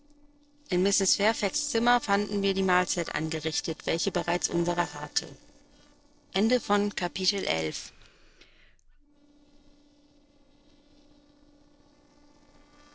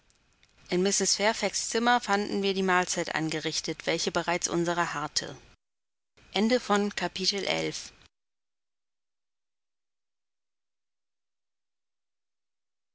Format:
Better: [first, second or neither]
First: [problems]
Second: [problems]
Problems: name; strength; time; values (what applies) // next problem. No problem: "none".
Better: second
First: noise reduction (neural separator model SepFormer DNS4)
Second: none